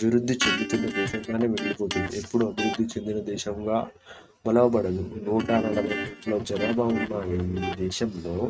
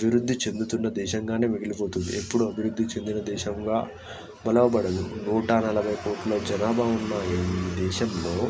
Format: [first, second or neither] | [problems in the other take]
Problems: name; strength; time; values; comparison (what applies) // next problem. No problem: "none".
second | noise reduction (neural mask model RNNoise)